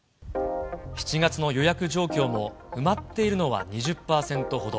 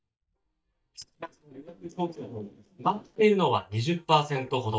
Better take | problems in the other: first | noise reduction (neural mask model DeepFilterNet 3)

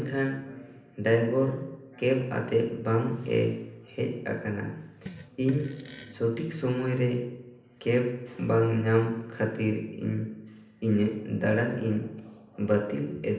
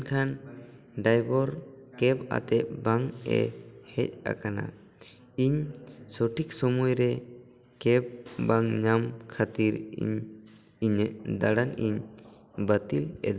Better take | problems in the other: second | background sound (Fart); 18 dB below the speech // room echo; dies away in 0.8 s

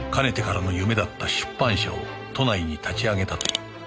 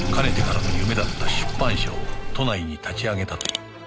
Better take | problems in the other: first | background sound (Sink (filling or washing)); 2 dB above the speech

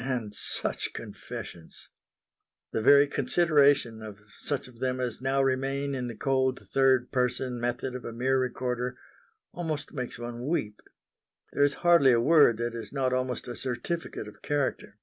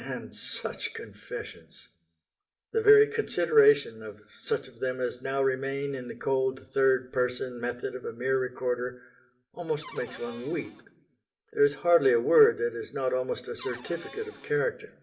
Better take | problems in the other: first | background sound (Cupboard open or close / Door); 20 dB below the speech // room echo; dies away in 0.5 s

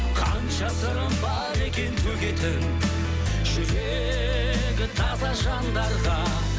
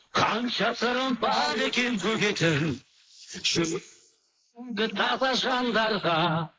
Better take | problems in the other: first | noise reduction (neural mask model Resemble Enhance denoiser)

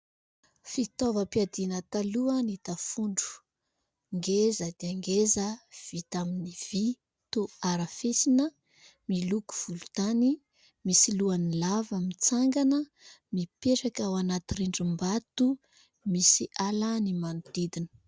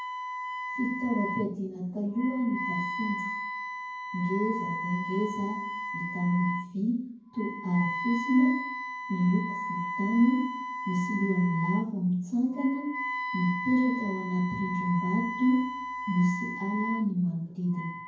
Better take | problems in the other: first | background sound (Wind instrument, woodwind instrument); 6 dB below the speech // room echo; dies away in 0.9 s

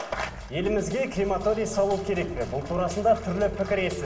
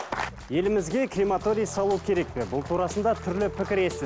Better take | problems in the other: second | room echo; dies away in 0.9 s

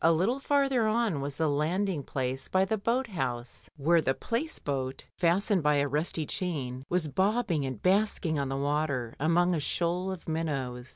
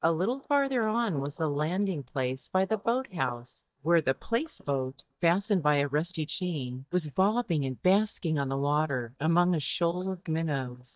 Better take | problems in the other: first | noise reduction (neural mask model DeepFilterNet 3)

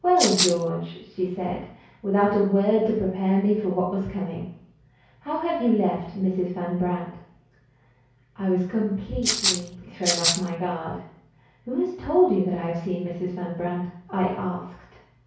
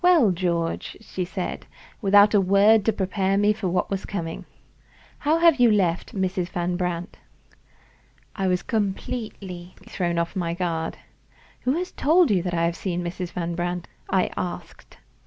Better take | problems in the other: second | background sound (Rattle (instrument)); 1 dB above the speech // room echo; dies away in 0.6 s

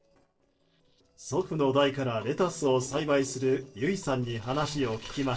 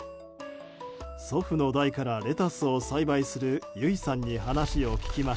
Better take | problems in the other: second | noise reduction (neural separator model SepFormer DNS4)

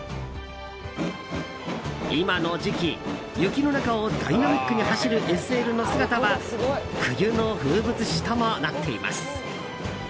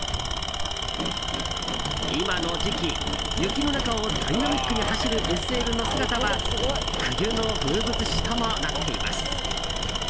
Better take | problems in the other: first | background sound (Tools); 1 dB above the speech

